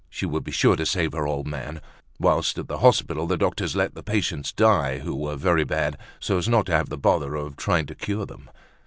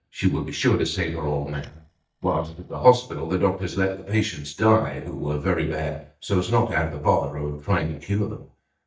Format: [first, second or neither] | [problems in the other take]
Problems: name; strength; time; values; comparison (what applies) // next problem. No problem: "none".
first | noise reduction (neural mask model DeepFilterNet 3)